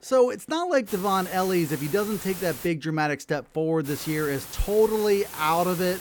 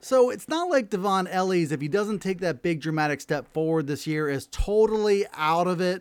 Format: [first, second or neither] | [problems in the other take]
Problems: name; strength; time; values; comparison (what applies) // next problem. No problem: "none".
second | hiss; noticeable; from 1 to 2.5 s and from 4 s on; 10 dB below the speech